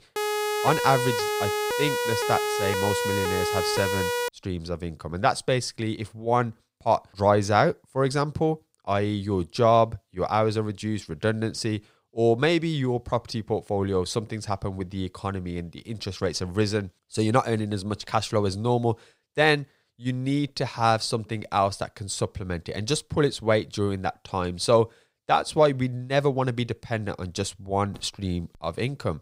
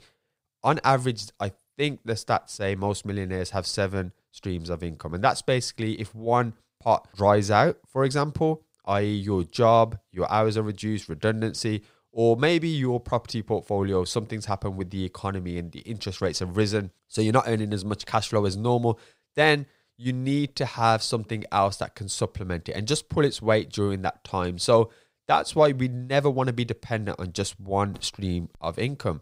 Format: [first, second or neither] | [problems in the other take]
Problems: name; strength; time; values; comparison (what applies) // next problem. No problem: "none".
second | siren; loud; until 4.5 s; peak level with the speech